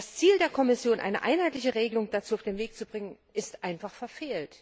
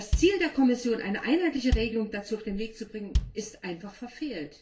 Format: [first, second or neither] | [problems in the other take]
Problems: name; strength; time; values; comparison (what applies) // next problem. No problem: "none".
first | background sound (Bass drum); 5 dB below the speech // room echo; dies away in 0.2 s